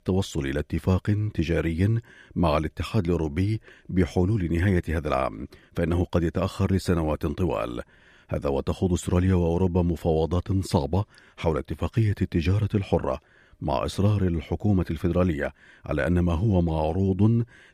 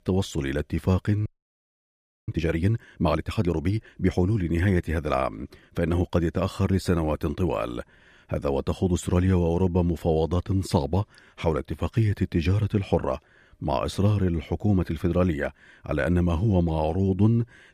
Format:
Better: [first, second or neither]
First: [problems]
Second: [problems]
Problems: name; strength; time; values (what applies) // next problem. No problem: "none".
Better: first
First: none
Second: audio freezing; at 1.5 s for 1 s